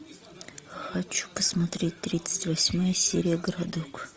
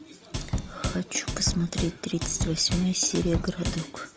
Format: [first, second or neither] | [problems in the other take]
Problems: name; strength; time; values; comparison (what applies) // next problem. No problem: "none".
first | background sound (Drum / Drum kit); 3 dB below the speech